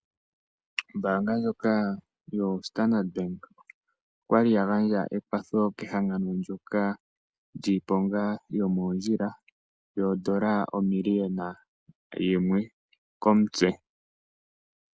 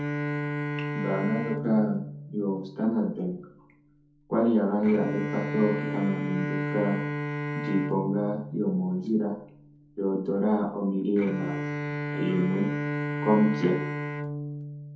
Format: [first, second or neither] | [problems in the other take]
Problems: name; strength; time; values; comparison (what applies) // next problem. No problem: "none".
first | background sound (Bowed string instrument); 5 dB below the speech // room echo; dies away in 0.5 s